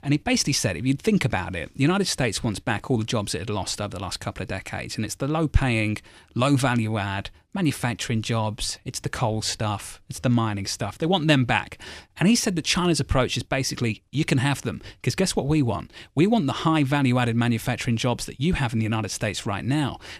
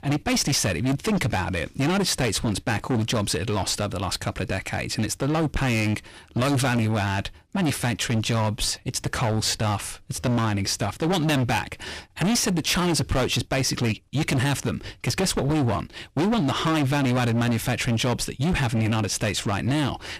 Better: first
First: none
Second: distortion; heavy; 23% of the sound clipped

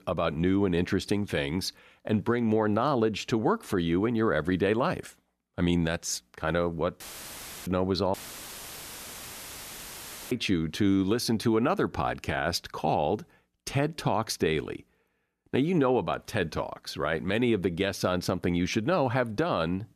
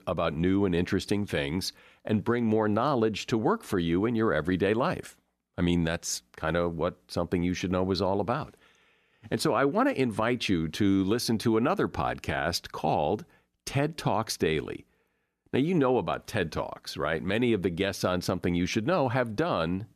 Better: second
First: audio cutting out; filled with static; at 7 s for 0.5 s and at 8 s for 2 s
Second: none

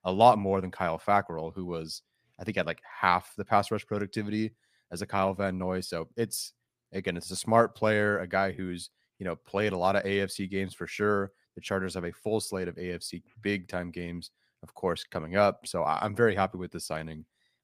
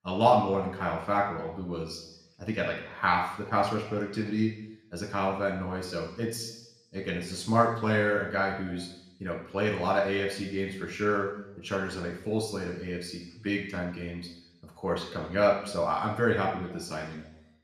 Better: first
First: none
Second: room echo; noticeable; dies away in 0.9 s // off-mic speech; somewhat distant

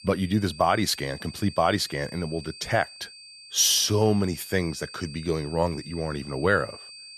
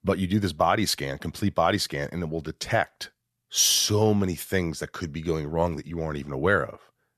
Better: second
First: high-pitched whine; noticeable; throughout; 4.5 kHz, 15 dB below the speech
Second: none

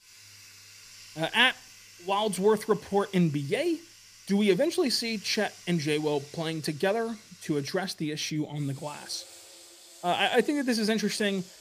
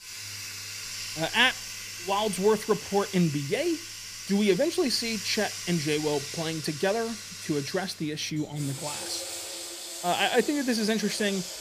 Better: first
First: household noises; faint; throughout; 20 dB below the speech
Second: household noises; loud; throughout; 8 dB below the speech

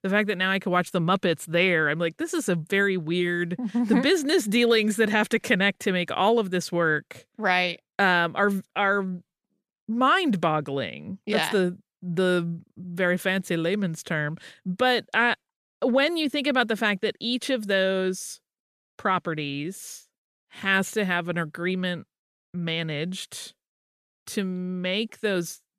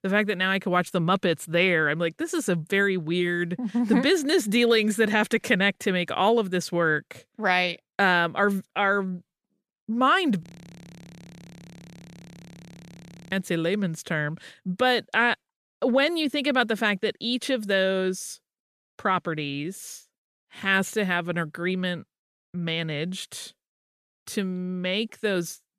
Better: first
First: none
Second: audio freezing; at 10 s for 3 s

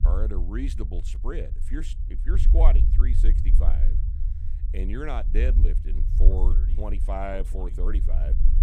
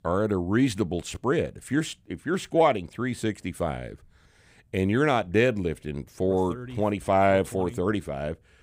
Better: second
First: low rumble; loud; throughout; 10 dB below the speech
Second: none

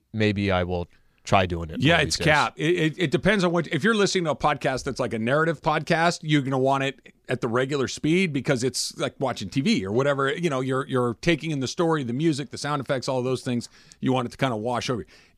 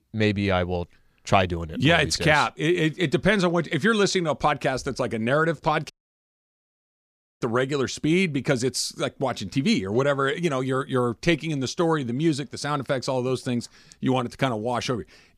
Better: first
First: none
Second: audio cutting out; at 6 s for 1.5 s

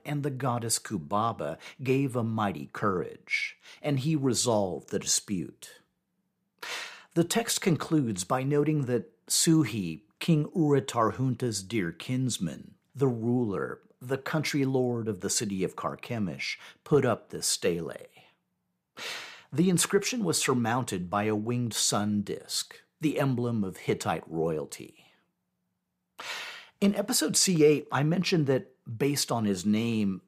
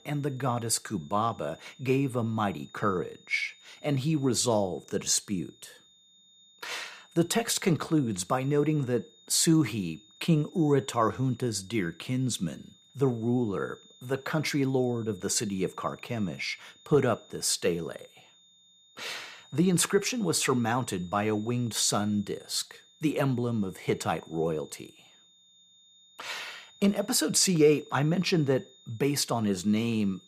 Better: first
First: none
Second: high-pitched whine; faint; throughout; 3.5 kHz, 25 dB below the speech

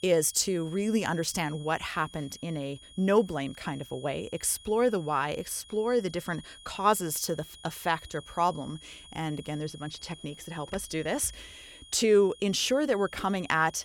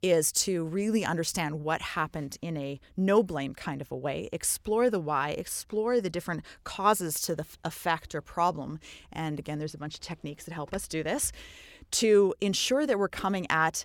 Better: second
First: high-pitched whine; noticeable; throughout; 3.5 kHz, 20 dB below the speech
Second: none

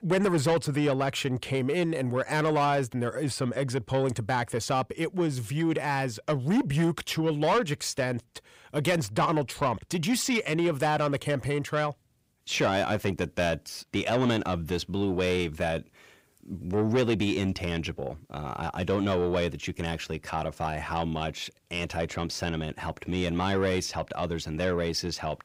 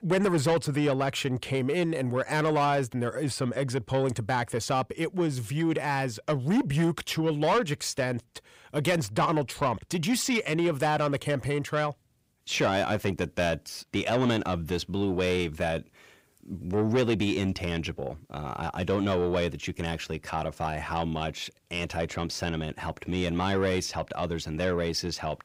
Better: neither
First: distortion; slight; 10 dB below the speech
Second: distortion; slight; 10 dB below the speech

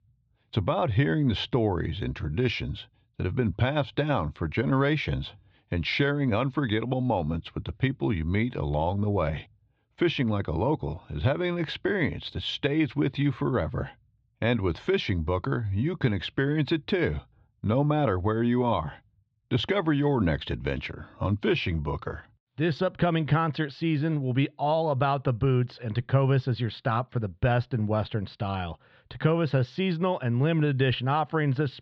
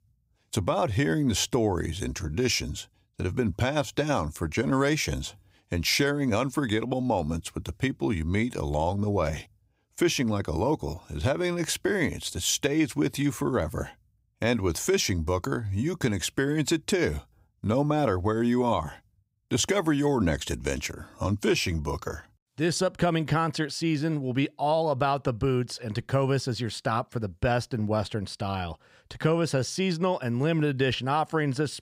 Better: second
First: muffled; very; fading above 4 kHz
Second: none

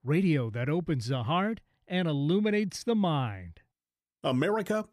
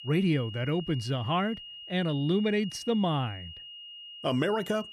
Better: first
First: none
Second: high-pitched whine; noticeable; throughout; 3 kHz, 15 dB below the speech

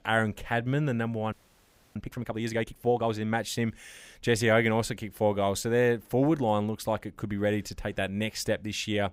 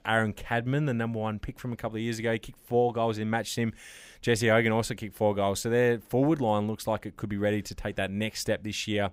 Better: second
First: audio freezing; at 1.5 s for 0.5 s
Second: none

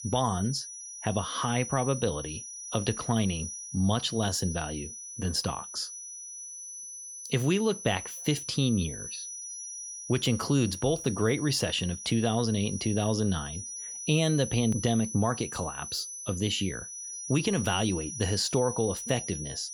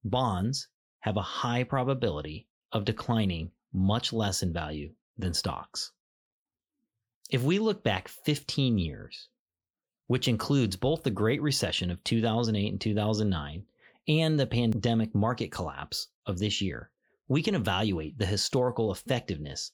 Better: second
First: high-pitched whine; loud; throughout; 6 kHz, 8 dB below the speech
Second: none

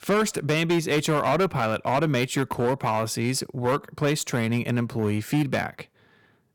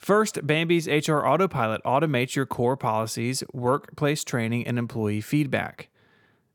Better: second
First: distortion; slight; 10% of the sound clipped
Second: none

